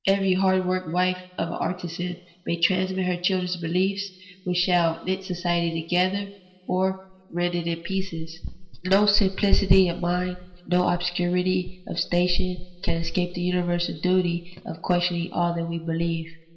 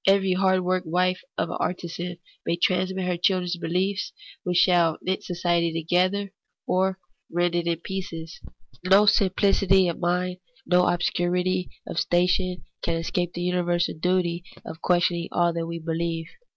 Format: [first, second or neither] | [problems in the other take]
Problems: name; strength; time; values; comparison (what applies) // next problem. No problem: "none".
second | room echo; dies away in 1.4 s